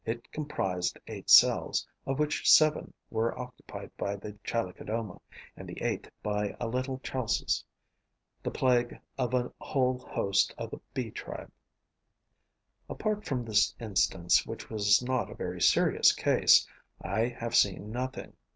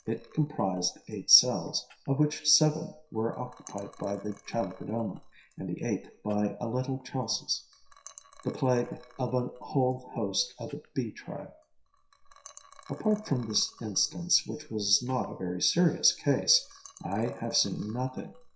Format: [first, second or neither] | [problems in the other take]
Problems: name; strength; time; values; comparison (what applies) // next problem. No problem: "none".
first | noise reduction (classical method WPE with log-MMSE)